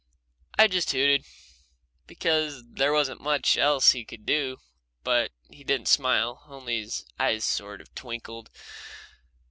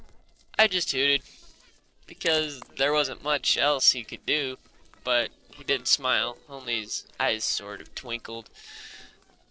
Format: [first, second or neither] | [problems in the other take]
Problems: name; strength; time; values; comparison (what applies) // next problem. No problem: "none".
first | noise reduction (neural separator model SepFormer DNS4)